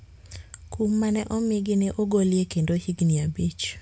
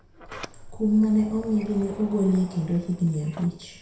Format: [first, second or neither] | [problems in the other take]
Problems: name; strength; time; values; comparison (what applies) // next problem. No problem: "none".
first | background sound (Sliding door); 17 dB below the speech // room echo; dies away in 0.7 s